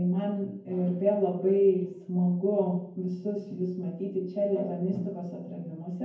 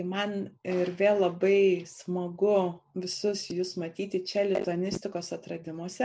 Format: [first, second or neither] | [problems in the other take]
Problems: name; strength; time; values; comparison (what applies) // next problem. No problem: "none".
second | room echo; dies away in 0.9 s